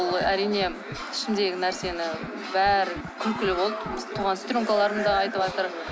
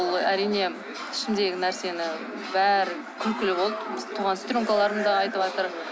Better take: second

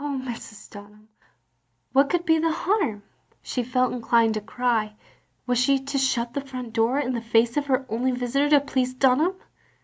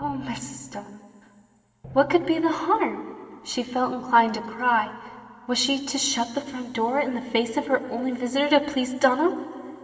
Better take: first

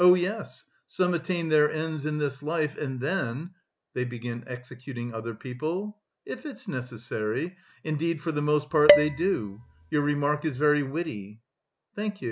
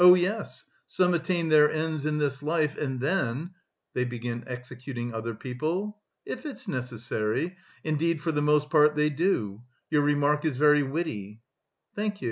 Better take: second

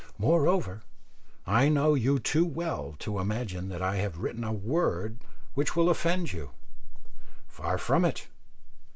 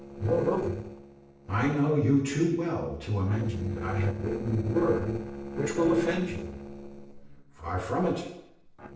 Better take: first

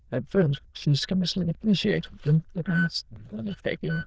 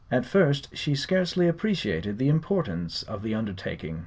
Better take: second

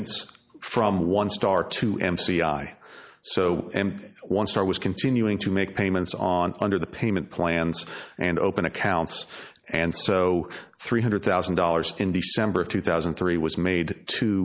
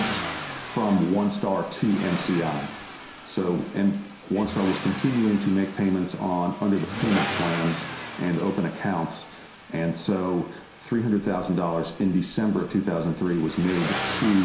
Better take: first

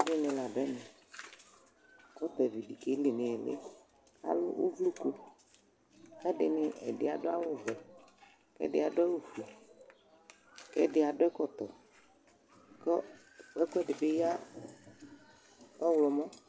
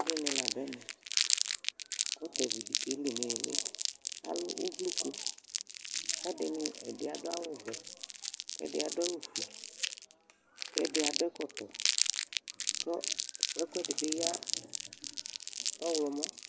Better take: first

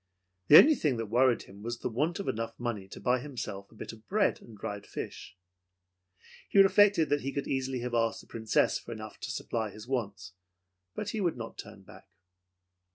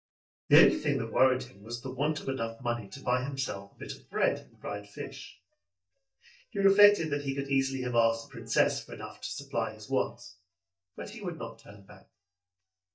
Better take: first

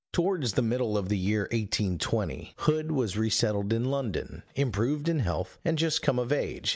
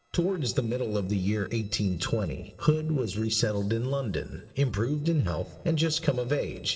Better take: first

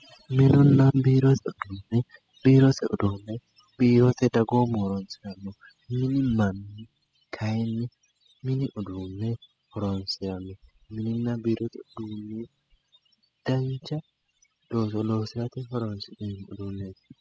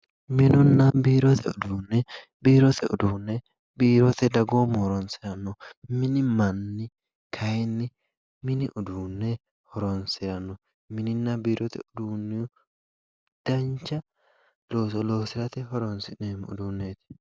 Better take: second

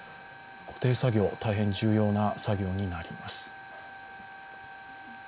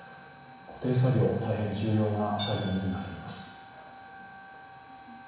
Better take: first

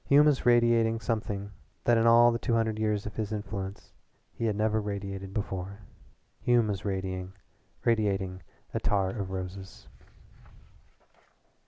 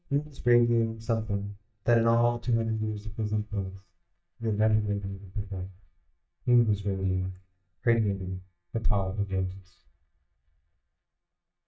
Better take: first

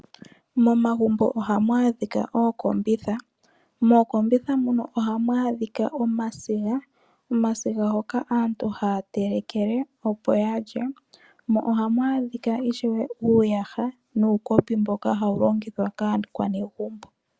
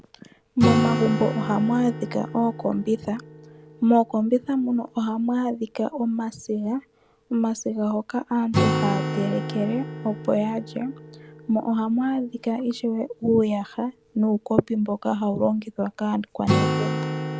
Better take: first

